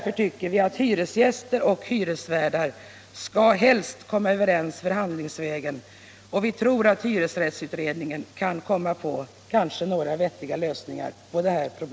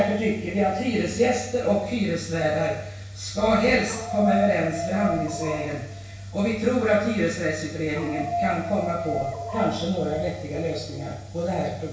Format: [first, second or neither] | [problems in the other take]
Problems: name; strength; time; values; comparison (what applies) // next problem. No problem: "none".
first | background sound (Dog); 8 dB below the speech // room echo; dies away in 0.6 s